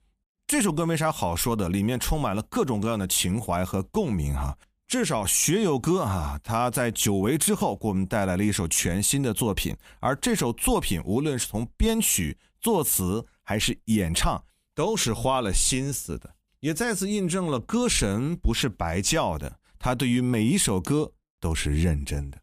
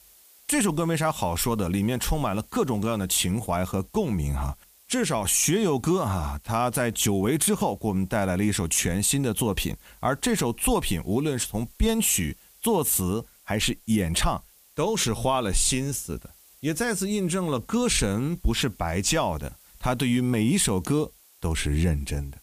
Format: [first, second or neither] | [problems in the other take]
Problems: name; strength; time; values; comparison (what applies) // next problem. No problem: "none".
first | hiss; faint; throughout; 25 dB below the speech